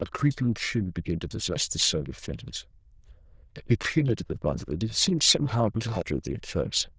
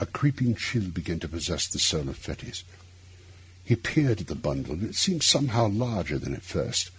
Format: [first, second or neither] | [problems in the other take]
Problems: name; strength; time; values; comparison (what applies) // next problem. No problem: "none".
second | noise reduction (neural diffusion model UNIVERSE++)